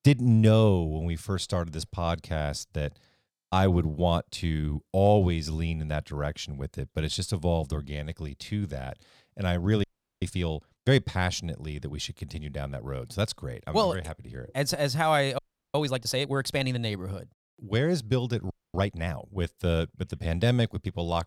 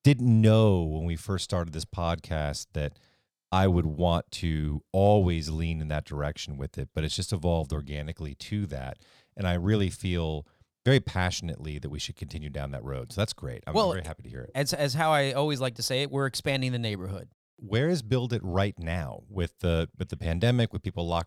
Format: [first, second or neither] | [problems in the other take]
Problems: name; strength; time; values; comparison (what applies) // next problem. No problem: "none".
second | audio freezing; at 10 s, at 15 s and at 19 s